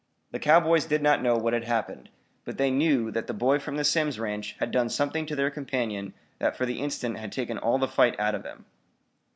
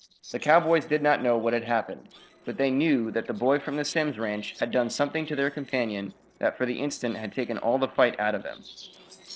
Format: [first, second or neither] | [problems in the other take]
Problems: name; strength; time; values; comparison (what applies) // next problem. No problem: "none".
first | noise reduction (neural separator model SepFormer DNS4)